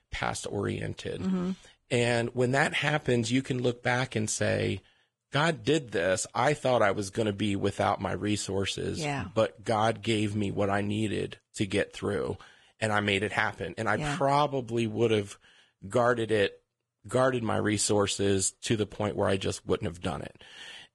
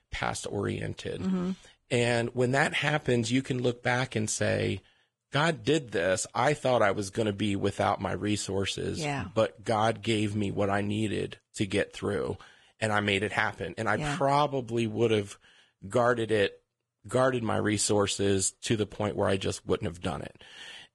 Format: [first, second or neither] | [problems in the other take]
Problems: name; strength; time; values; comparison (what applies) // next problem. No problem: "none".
neither | garbled, watery; badly; nothing above 10 kHz; the same in both